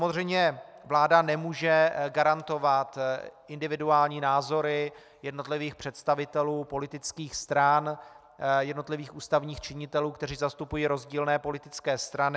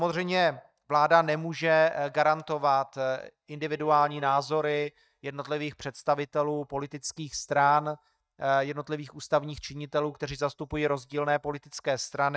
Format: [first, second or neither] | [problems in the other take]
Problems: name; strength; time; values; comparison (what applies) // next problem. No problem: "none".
first | noise reduction (neural mask model DeepFilterNet 3)